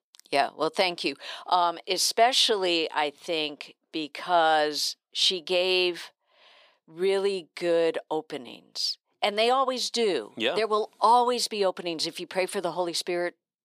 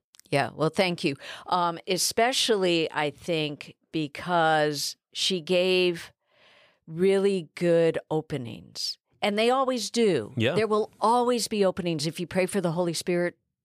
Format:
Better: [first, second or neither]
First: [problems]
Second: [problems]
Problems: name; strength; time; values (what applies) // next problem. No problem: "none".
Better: second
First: thin; somewhat; fading below 250 Hz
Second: none